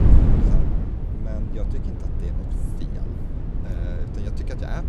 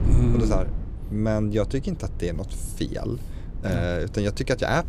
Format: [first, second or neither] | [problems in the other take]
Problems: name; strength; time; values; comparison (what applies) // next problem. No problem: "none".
second | wind noise on the microphone; heavy; 5 dB above the speech; occasional gusts in the second